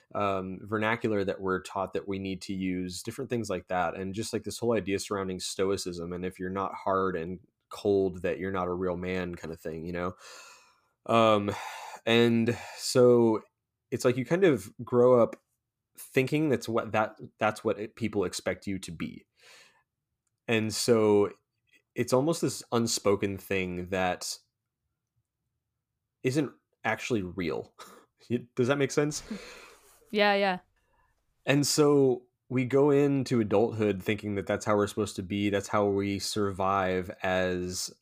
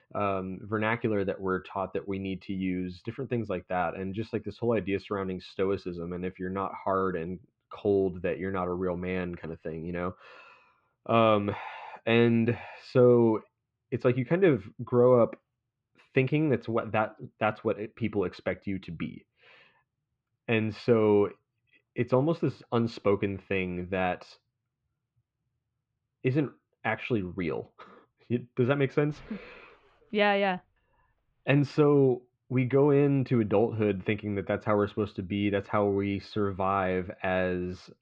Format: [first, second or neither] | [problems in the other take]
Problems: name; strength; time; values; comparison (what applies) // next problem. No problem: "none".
first | muffled; very; fading above 3 kHz